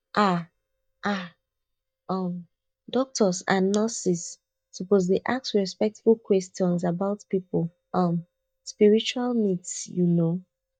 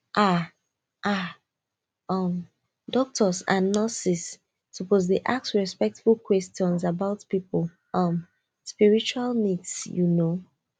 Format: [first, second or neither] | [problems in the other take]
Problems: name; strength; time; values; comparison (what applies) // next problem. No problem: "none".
second | noise reduction (neural mask model DeepFilterNet 3)